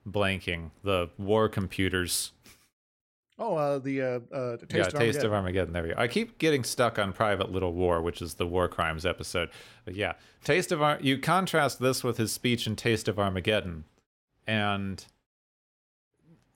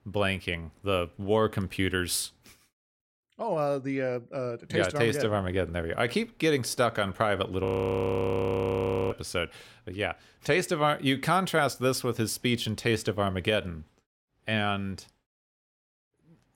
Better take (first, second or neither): first